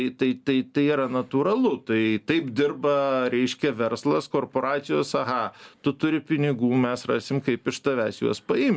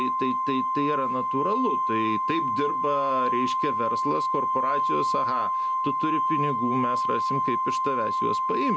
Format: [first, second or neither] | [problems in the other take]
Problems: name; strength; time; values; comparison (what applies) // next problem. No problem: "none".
first | background sound (Organ); 4 dB above the speech